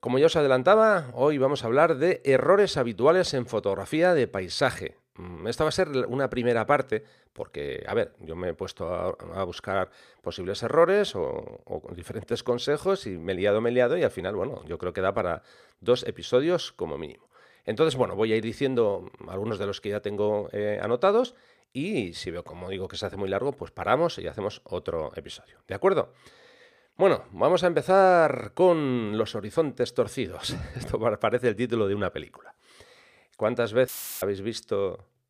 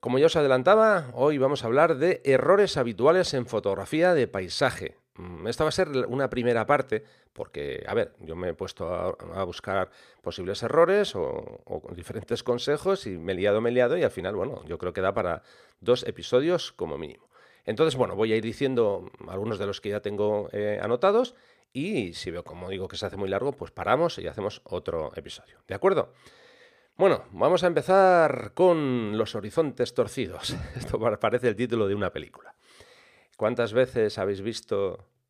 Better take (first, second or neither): second